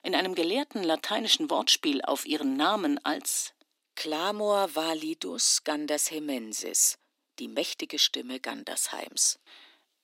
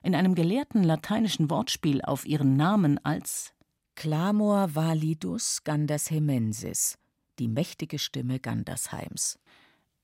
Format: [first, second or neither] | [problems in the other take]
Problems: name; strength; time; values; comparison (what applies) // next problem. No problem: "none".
second | thin; somewhat; fading below 300 Hz